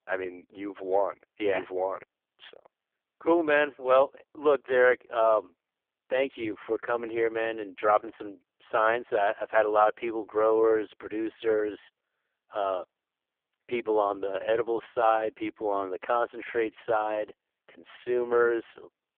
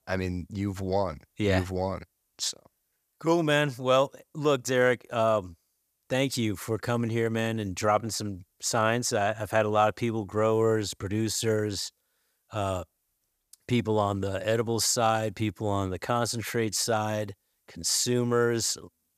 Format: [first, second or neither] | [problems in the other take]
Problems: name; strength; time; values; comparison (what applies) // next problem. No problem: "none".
second | phone-call audio; poor line; nothing above 3.5 kHz